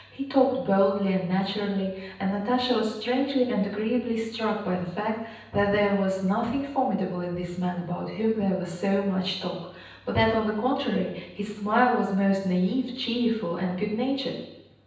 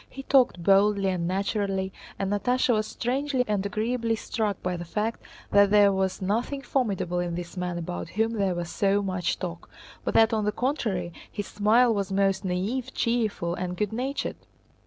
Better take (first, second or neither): second